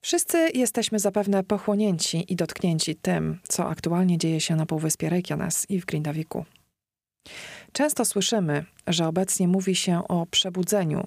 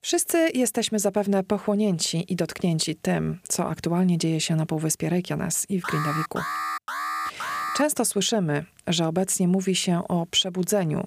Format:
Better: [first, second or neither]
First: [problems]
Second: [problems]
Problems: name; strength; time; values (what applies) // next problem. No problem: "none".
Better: first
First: none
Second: alarm; noticeable; from 6 to 8 s; peak 4 dB below the speech